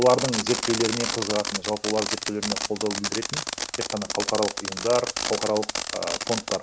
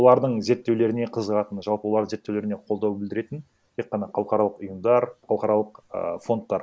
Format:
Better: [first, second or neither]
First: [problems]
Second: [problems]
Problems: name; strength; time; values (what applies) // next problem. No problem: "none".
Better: second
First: background sound (Fireworks); 3 dB below the speech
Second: none